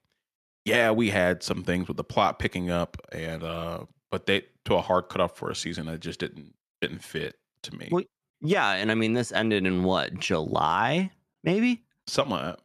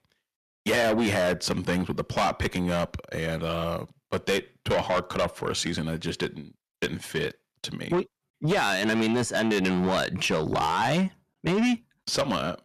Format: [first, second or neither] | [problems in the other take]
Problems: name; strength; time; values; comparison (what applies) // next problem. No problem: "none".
first | distortion; heavy; 6 dB below the speech